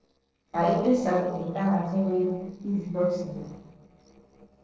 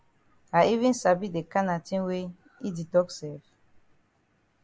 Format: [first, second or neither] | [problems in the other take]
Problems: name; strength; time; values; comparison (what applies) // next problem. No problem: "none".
second | noise reduction (neural separator model SepFormer DNS4)